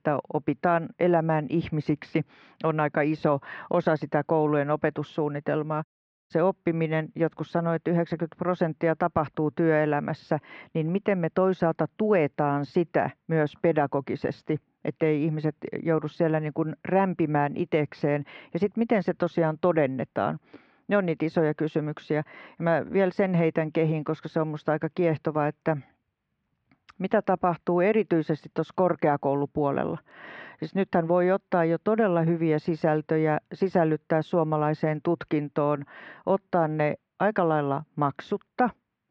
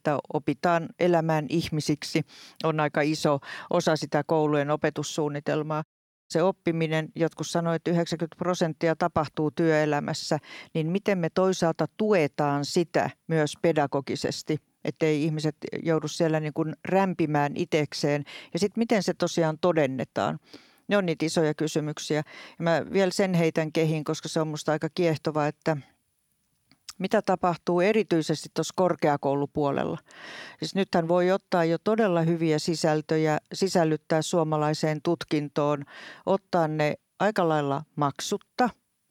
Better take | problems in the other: second | muffled; very; fading above 2.5 kHz

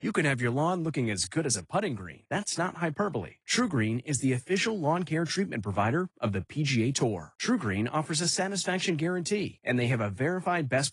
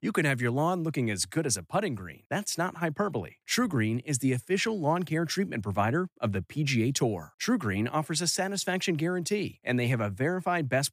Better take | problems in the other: second | garbled, watery; slightly; nothing above 10 kHz

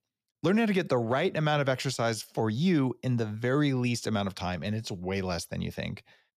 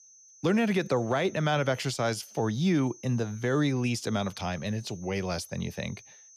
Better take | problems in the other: first | high-pitched whine; faint; throughout; 6 kHz, 20 dB below the speech

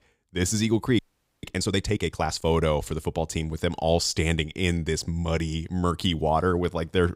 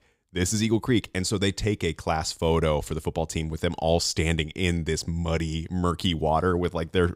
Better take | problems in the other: second | audio freezing; at 1 s

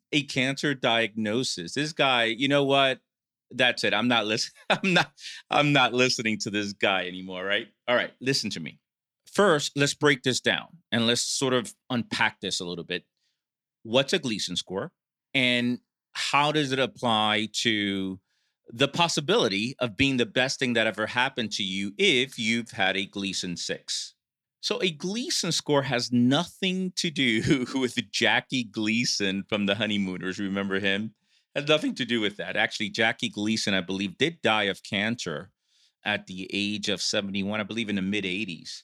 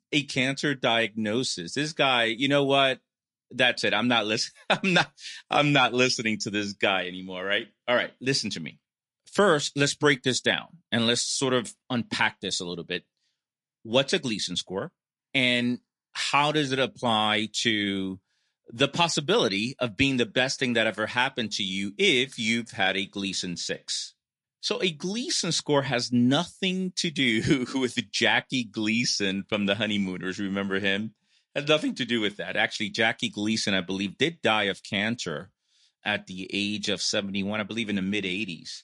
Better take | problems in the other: first | garbled, watery; slightly; nothing above 9 kHz

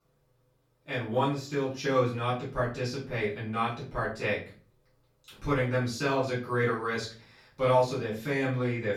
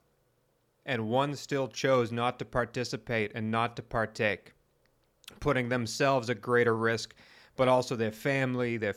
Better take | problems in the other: second | off-mic speech; far // room echo; slight; dies away in 0.3 s

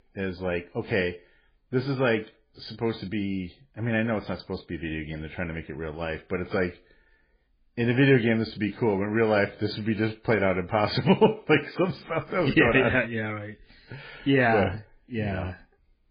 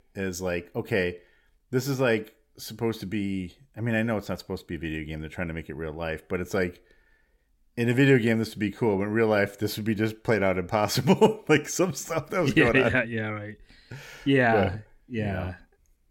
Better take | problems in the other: second | garbled, watery; badly; nothing above 5 kHz

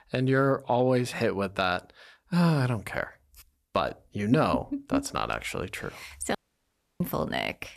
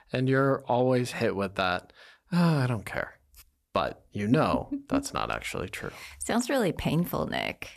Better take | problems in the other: second | audio cutting out; at 6.5 s for 0.5 s

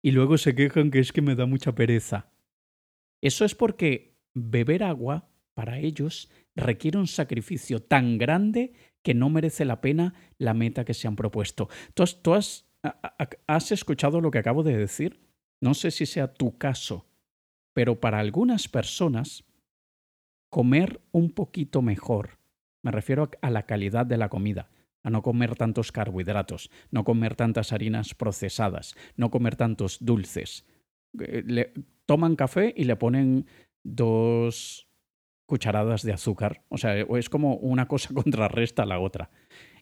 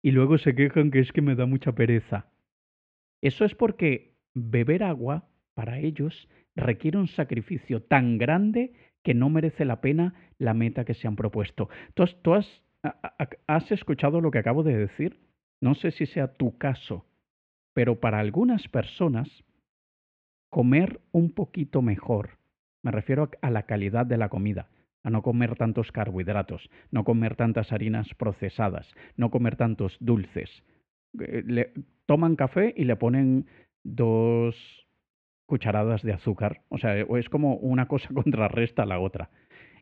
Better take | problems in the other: first | muffled; very; fading above 2.5 kHz

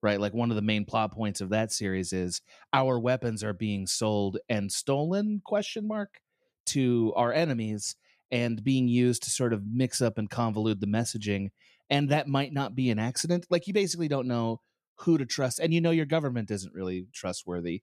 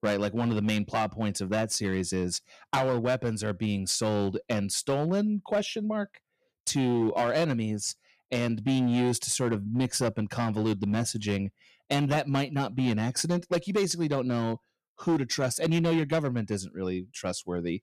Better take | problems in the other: first | distortion; slight; 7% of the sound clipped

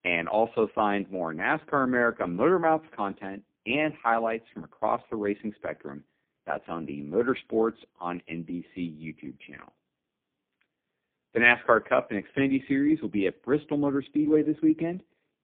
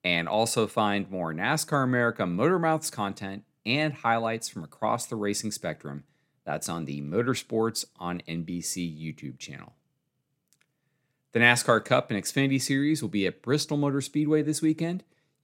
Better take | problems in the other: second | phone-call audio; poor line

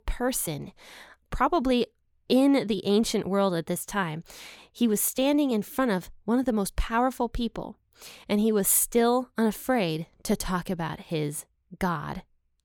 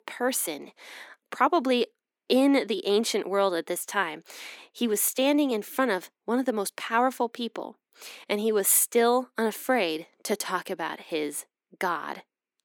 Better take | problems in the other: first | thin; very slightly; fading below 250 Hz

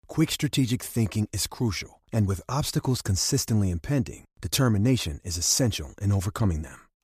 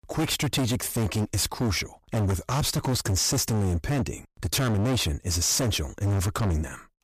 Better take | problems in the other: first | distortion; heavy; 28% of the sound clipped

